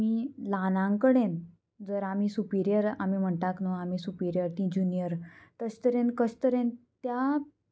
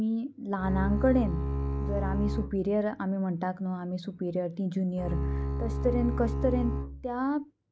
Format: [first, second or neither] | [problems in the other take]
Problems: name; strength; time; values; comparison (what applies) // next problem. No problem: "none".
first | background sound (Bowed string instrument); 1 dB below the speech